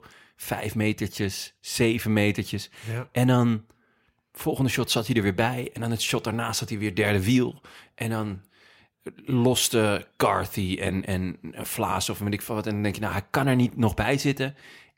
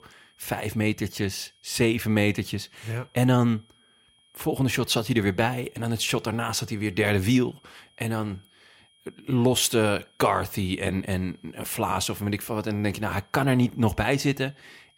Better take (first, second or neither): first